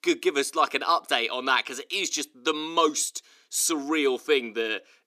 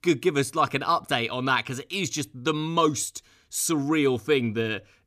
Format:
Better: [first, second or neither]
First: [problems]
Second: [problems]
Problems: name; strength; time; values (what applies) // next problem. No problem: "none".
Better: second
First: thin; somewhat; fading below 300 Hz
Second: none